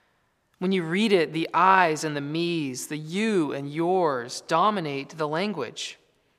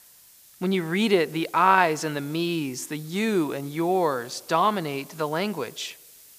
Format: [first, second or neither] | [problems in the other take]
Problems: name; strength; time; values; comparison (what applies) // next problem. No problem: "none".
first | hiss; faint; throughout; 20 dB below the speech